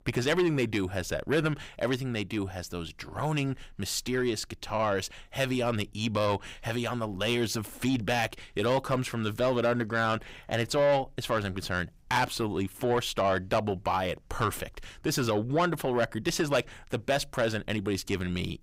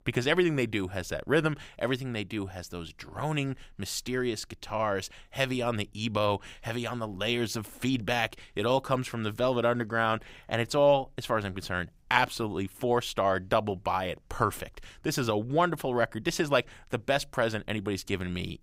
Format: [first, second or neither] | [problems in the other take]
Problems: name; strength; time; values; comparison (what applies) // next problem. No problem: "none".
second | distortion; slight; 10 dB below the speech